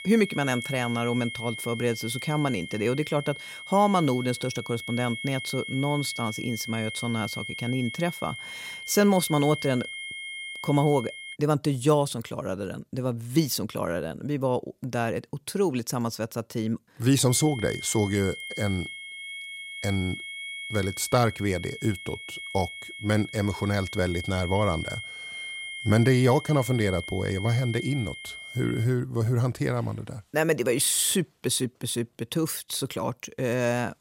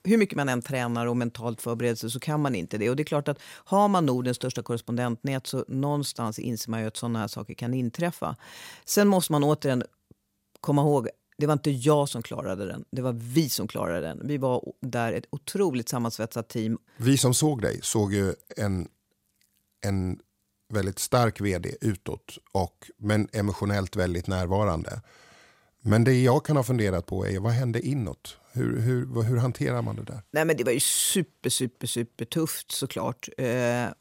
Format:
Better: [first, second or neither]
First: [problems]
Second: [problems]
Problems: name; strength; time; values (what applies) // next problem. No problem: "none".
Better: second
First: high-pitched whine; loud; until 11 s and from 17 to 29 s; 2 kHz, 9 dB below the speech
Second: none